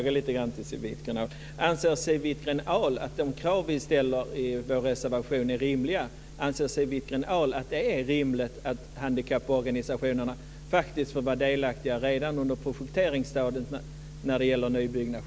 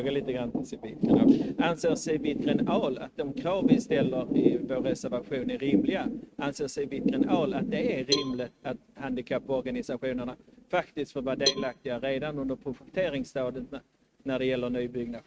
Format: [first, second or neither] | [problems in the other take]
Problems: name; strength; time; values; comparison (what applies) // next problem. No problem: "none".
first | noise reduction (neural mask model RNNoise)